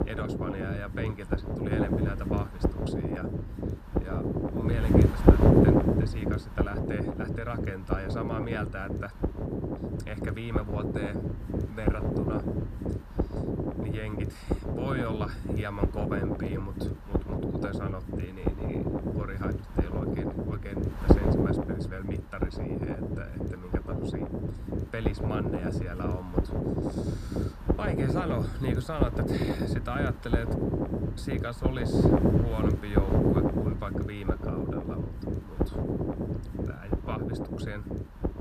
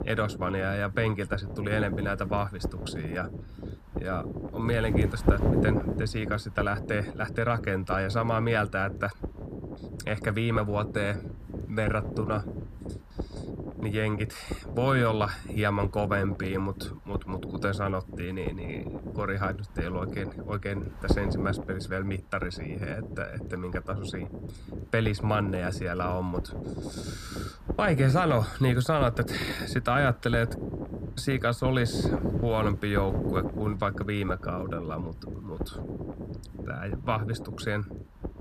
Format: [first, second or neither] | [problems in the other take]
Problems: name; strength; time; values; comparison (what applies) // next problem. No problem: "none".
second | wind noise on the microphone; heavy; 5 dB above the speech; occasional gusts in the second